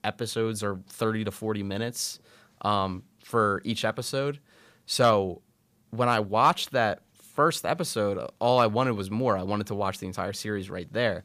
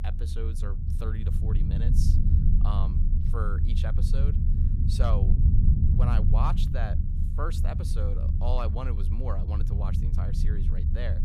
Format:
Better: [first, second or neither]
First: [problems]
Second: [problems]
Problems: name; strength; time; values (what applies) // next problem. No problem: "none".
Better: first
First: none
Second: low rumble; loud; throughout; 3 dB below the speech